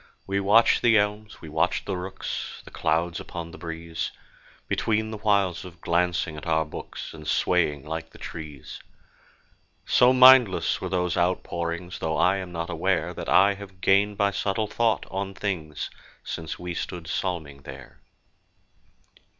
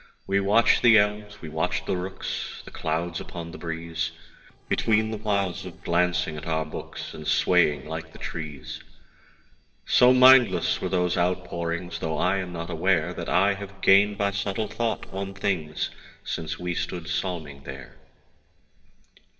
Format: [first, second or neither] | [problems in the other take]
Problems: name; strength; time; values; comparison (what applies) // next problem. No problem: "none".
first | noise reduction (neural separator model SepFormer DNS4)